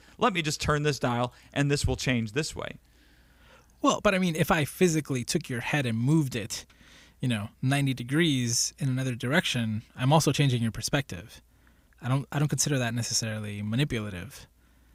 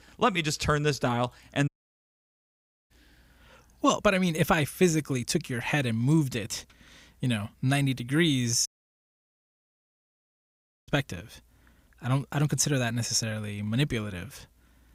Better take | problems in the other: first | audio cutting out; at 1.5 s for 1 s and at 8.5 s for 2 s

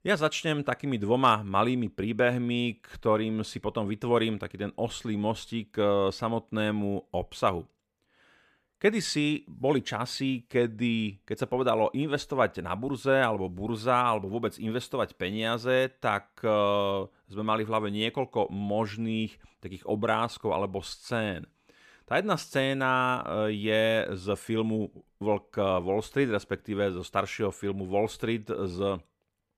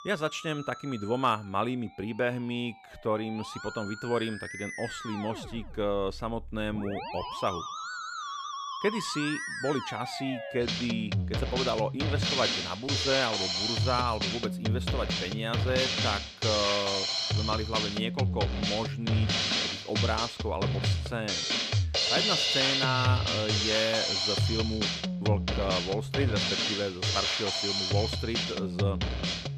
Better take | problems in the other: first | background music; very loud; throughout; 3 dB above the speech

